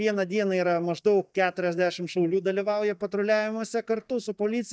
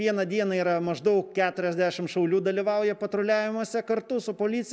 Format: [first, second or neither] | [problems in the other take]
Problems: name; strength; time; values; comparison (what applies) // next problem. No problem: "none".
second | noise reduction (neural mask model DeepFilterNet 3)